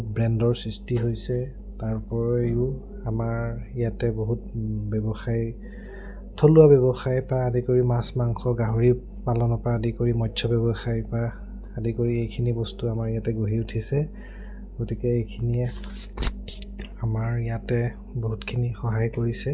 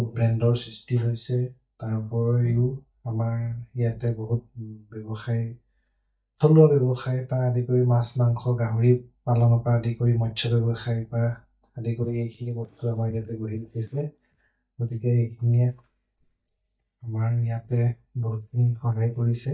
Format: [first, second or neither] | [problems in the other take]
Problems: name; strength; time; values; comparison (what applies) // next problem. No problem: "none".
first | noise reduction (neural mask model DeepFilterNet 3)